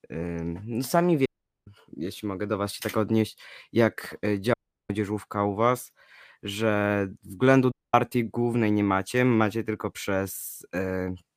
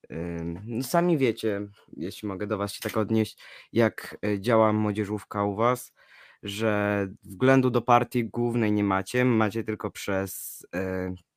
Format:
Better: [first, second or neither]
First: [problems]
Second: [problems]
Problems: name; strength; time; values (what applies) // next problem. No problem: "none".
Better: second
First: audio cutting out; at 1.5 s, at 4.5 s and at 7.5 s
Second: none